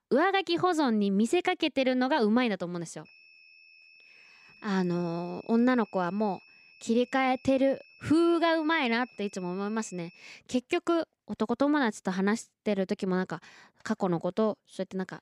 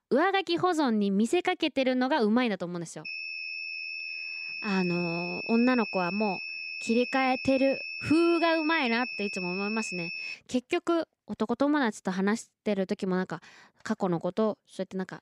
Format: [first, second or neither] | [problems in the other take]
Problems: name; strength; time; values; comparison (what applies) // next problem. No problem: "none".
first | high-pitched whine; loud; from 3 to 10 s; 2.5 kHz, 6 dB below the speech; faint in the first